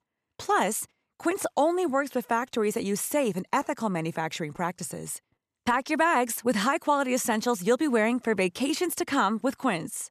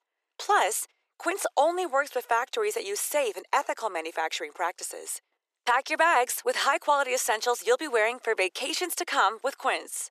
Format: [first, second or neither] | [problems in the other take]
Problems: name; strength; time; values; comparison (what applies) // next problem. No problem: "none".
first | thin; very; fading below 400 Hz